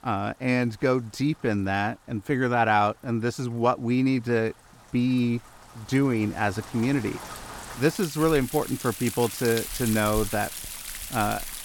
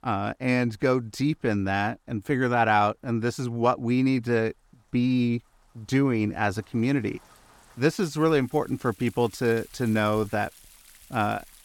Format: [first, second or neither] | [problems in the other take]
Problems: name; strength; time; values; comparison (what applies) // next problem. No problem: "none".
second | rain or running water; loud; throughout; 10 dB below the speech; faint in the second